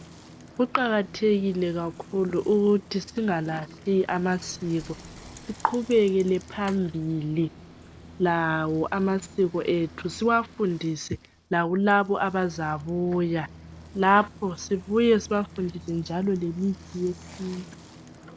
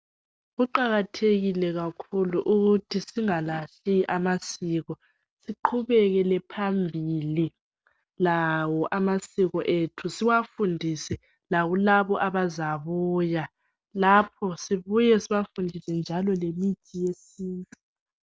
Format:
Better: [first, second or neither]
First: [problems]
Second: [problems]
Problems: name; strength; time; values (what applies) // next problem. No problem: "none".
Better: second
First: background sound (Bicycle); 19 dB below the speech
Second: none